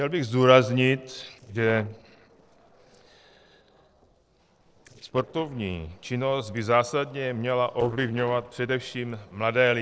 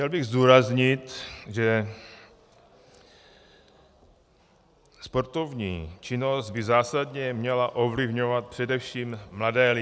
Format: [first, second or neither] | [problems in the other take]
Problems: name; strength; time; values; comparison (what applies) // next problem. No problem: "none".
second | noise reduction (neural separator model SepFormer DNS4)